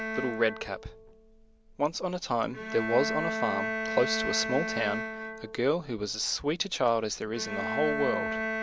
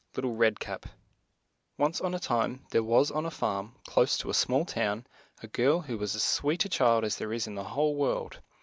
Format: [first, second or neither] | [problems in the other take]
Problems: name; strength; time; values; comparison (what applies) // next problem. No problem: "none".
second | background sound (Bowed string instrument); 4 dB below the speech